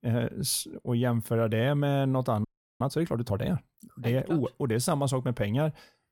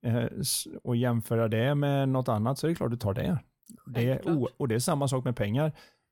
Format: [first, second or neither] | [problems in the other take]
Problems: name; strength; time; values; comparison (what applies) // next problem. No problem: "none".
second | audio freezing; at 2.5 s